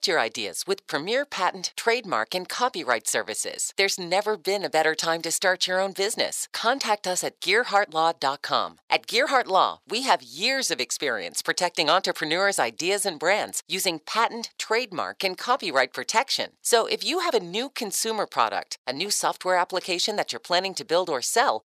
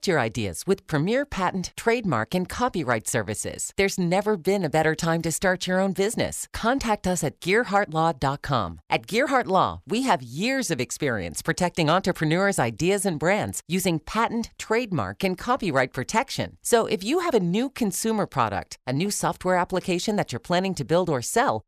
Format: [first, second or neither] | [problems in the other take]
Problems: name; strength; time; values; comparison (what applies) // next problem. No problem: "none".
second | thin; somewhat; fading below 450 Hz